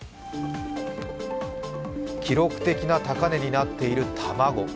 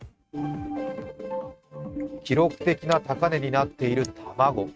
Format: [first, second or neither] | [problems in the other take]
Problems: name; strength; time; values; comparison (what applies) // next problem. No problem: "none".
first | noise reduction (neural mask model RNNoise)